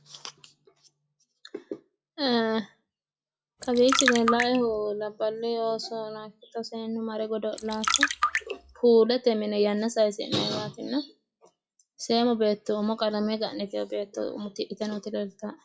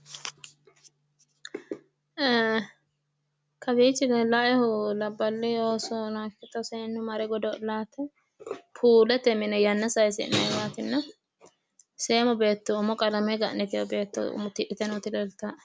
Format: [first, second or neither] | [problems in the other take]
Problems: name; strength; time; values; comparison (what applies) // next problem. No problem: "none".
second | noise reduction (classical method WPE with log-MMSE)